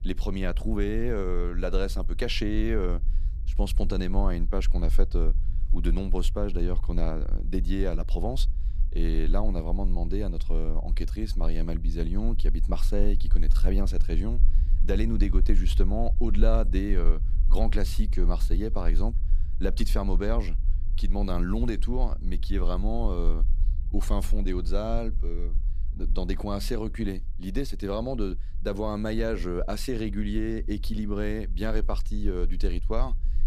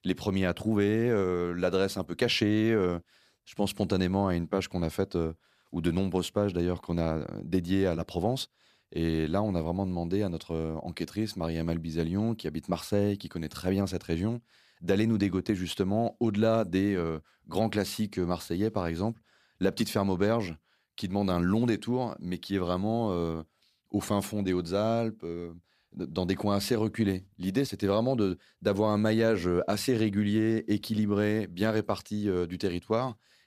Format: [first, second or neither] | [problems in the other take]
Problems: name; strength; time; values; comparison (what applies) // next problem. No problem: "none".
second | low rumble; noticeable; throughout; 20 dB below the speech